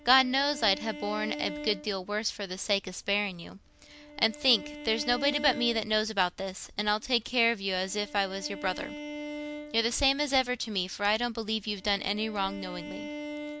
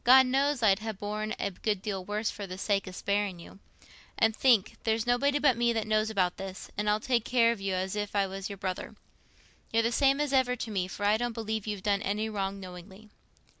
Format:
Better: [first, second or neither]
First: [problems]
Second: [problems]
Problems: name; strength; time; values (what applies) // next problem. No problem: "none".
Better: second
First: background sound (Bowed string instrument); 12 dB below the speech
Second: none